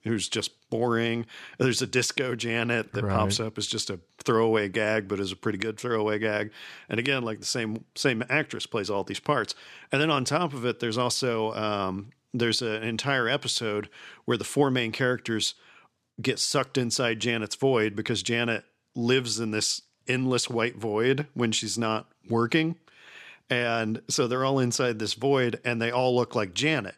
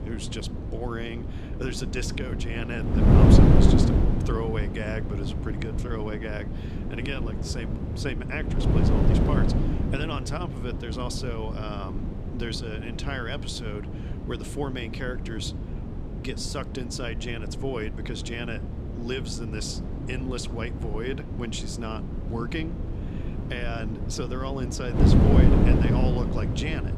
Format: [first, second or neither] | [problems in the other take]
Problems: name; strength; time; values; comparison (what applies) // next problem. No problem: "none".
first | wind noise on the microphone; heavy; as loud as the speech